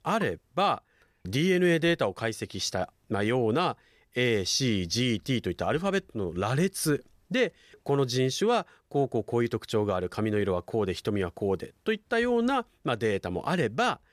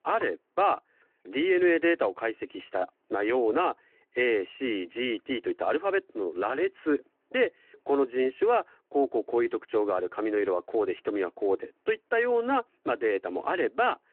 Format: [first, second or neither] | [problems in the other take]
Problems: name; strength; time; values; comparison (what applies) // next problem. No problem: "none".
first | phone-call audio